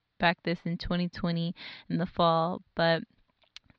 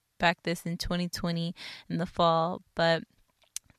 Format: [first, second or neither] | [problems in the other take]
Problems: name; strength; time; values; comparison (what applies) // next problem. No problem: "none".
second | muffled; very slightly; fading above 4 kHz